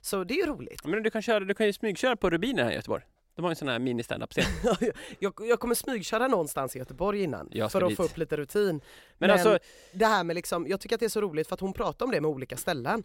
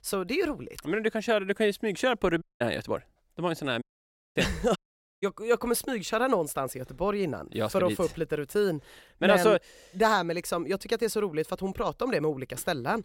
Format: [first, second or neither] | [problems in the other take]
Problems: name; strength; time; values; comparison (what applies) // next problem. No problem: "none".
first | audio cutting out; at 2.5 s, at 4 s for 0.5 s and at 5 s